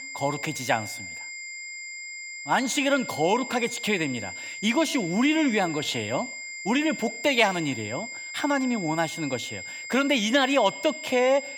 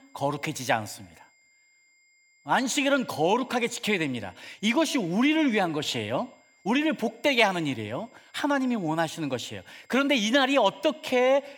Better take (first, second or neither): second